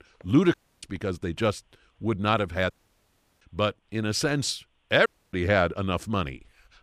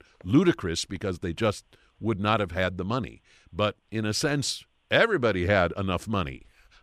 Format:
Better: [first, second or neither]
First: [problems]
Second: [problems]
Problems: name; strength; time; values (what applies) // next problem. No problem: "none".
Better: second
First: audio cutting out; at 0.5 s, at 2.5 s for 0.5 s and at 5 s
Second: none